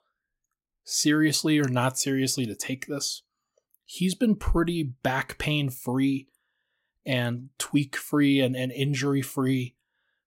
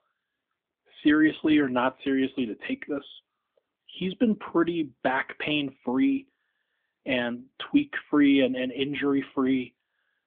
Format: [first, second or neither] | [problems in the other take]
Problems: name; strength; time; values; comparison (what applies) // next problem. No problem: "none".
first | phone-call audio; nothing above 3.5 kHz